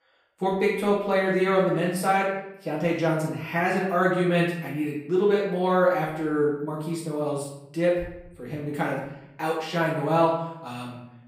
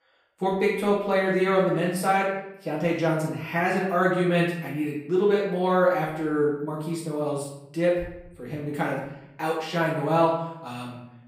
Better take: neither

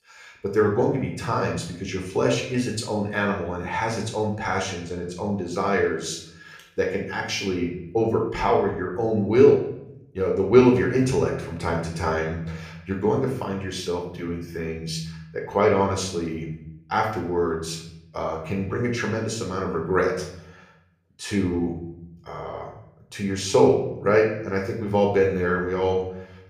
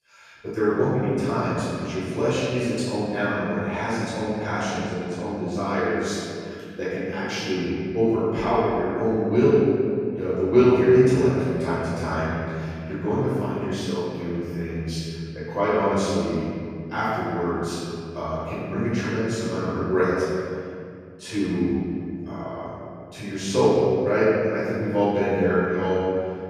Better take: first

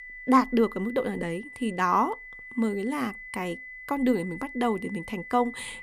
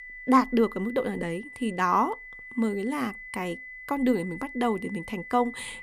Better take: neither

